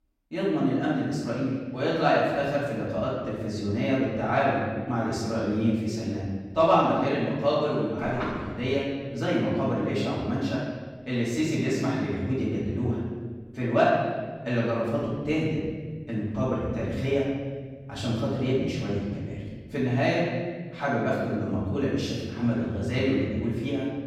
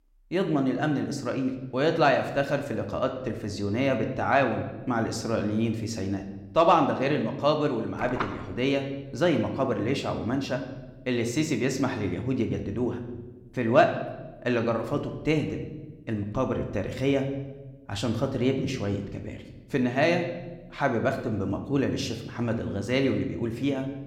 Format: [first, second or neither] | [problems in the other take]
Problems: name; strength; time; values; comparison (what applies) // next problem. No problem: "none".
second | room echo; strong; dies away in 1.5 s; slight in the second // off-mic speech; far